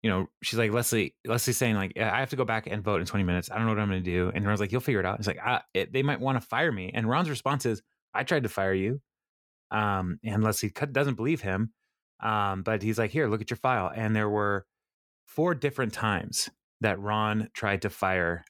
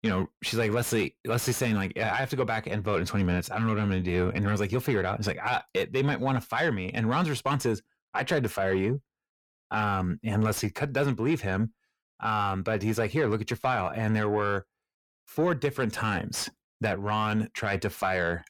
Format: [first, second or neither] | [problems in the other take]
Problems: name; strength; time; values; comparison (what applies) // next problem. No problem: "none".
first | distortion; slight; 10 dB below the speech